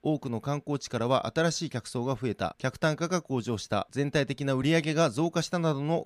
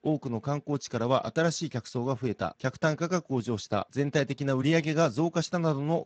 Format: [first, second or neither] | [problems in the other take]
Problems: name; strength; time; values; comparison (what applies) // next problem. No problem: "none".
first | garbled, watery; badly